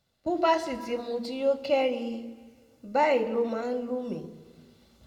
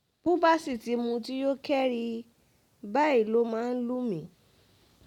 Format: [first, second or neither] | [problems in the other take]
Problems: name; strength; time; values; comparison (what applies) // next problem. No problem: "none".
second | room echo; dies away in 1 s